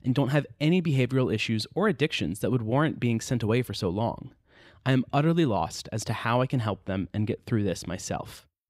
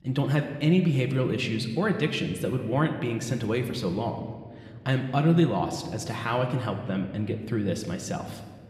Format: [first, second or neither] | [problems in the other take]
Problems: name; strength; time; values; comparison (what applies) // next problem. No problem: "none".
first | room echo; slight; dies away in 1.3 s